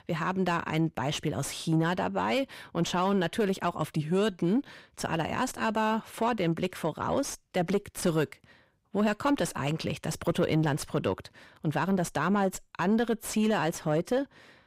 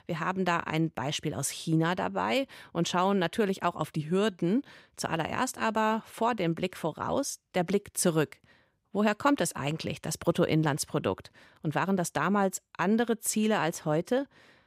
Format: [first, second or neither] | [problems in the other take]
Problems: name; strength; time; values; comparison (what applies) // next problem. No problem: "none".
second | distortion; slight; 10 dB below the speech